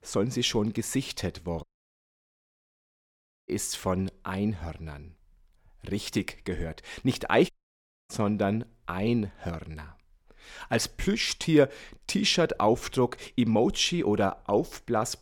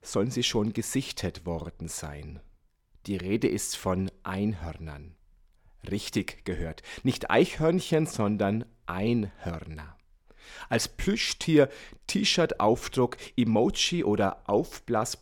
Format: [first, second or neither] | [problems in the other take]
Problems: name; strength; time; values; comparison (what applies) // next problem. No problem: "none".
second | audio cutting out; at 1.5 s for 2 s and at 7.5 s for 0.5 s